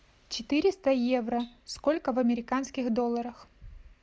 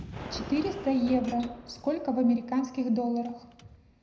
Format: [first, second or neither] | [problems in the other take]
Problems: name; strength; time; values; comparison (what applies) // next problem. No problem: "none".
first | background sound (Gunshot, gunfire); 15 dB below the speech // room echo; dies away in 0.7 s